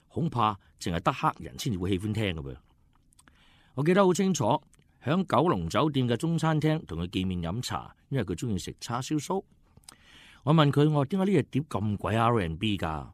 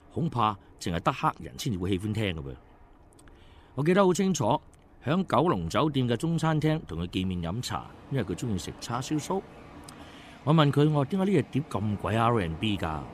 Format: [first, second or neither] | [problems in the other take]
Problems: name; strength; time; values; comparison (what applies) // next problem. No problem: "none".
first | train or aircraft noise; faint; throughout; 25 dB below the speech